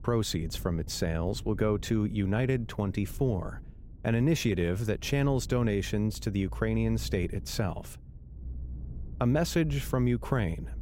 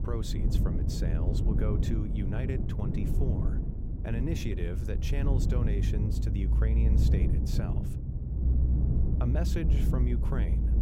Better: first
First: low rumble; faint; throughout; 25 dB below the speech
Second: low rumble; loud; throughout; 1 dB below the speech

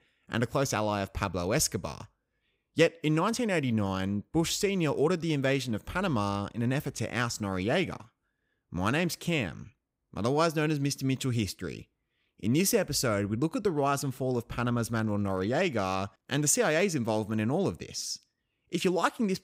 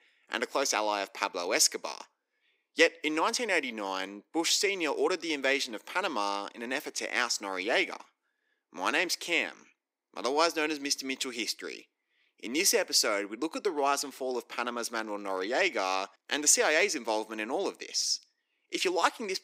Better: first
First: none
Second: thin; somewhat; fading below 300 Hz

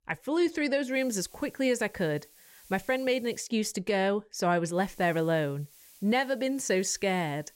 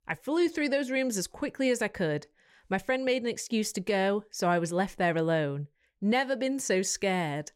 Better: second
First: hiss; faint; from 1 to 3.5 s and from 5 s on; 25 dB below the speech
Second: none

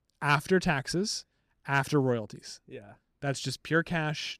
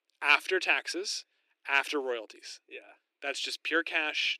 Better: first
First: none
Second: thin; very; fading below 300 Hz

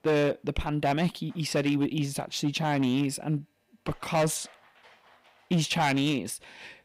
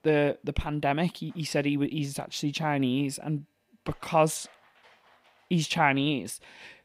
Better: second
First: distortion; slight; 6% of the sound clipped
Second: none

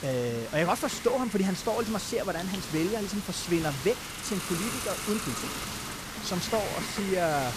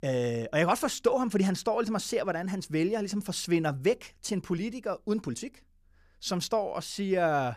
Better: second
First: hiss; loud; throughout; 5 dB below the speech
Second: none

